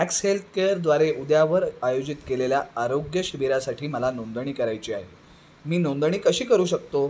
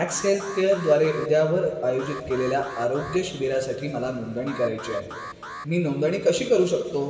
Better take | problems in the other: first | background sound (Alarm); 15 dB below the speech // room echo; dies away in 2.1 s

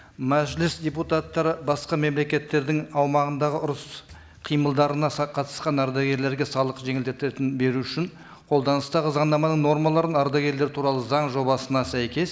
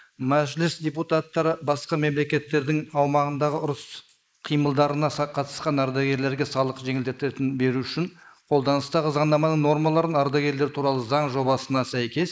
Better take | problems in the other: first | noise reduction (neural mask model Resemble Enhance denoiser)

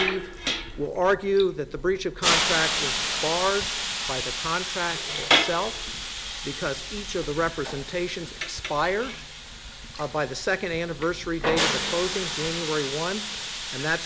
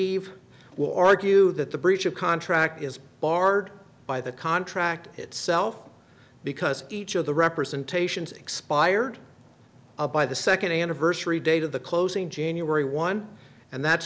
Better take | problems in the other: second | background sound (Hiss); 1 dB below the speech

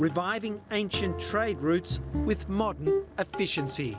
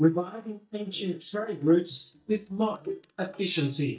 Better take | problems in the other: first | noise reduction (neural mask model DeepFilterNet 3)

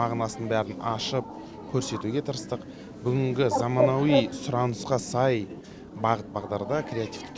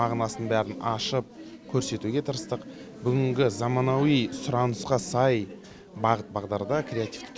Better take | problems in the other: second | background sound (Bird); 6 dB below the speech

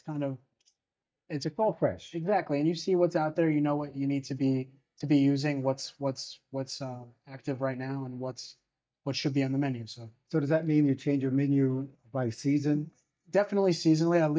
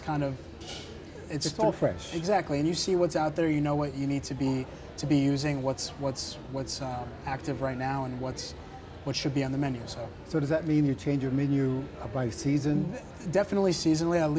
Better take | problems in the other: second | noise reduction (neural mask model DeepFilterNet 3)

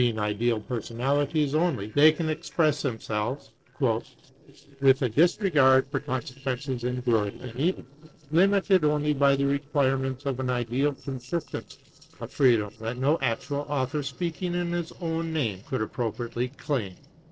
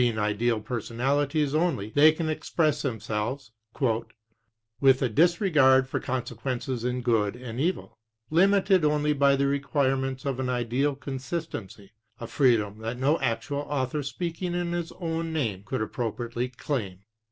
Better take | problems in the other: second | noise reduction (neural separator model SepFormer DNS4)

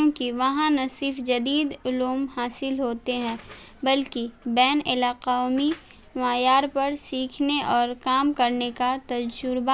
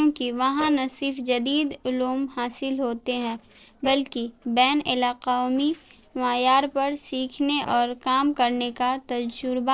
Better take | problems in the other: first | noise reduction (neural separator model SepFormer DNS4)

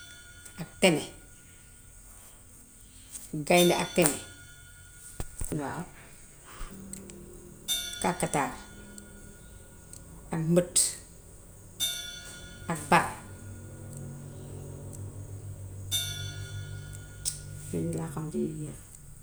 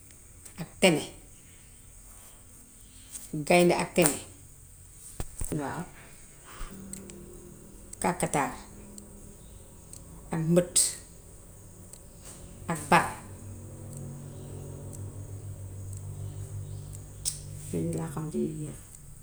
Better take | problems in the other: second | background sound (Hi-hat); 11 dB below the speech

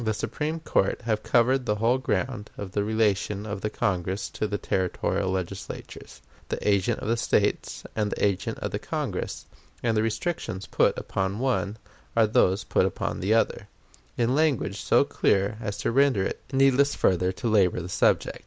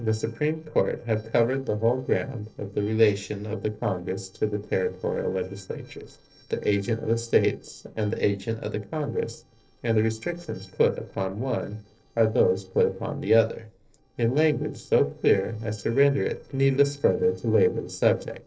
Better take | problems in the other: first | noise reduction (neural separator model SepFormer DNS4)

